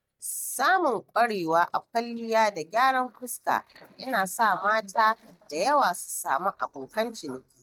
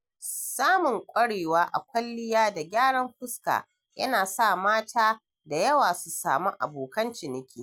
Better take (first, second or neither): second